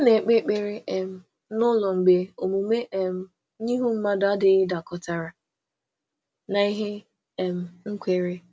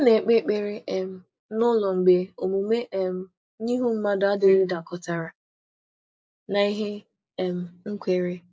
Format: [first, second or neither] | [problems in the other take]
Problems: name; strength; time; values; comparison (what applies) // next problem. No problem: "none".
first | noise reduction (neural mask model Resemble Enhance denoiser)